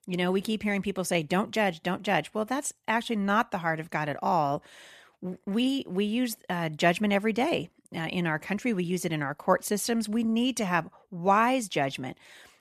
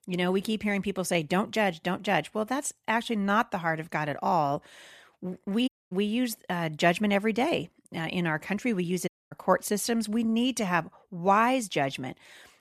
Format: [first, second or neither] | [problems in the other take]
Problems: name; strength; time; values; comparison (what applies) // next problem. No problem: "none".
first | audio cutting out; at 5.5 s and at 9 s